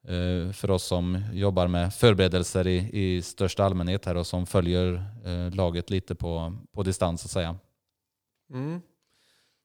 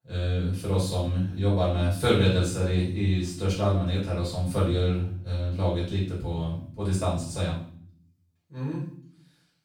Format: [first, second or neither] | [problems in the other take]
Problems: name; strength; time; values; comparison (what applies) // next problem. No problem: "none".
first | room echo; noticeable; dies away in 0.5 s // off-mic speech; far